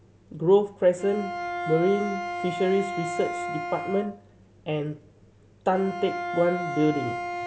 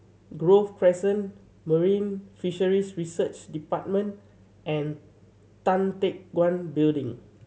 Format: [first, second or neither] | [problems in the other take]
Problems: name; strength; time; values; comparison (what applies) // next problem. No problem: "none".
second | background sound (Bowed string instrument); 7 dB below the speech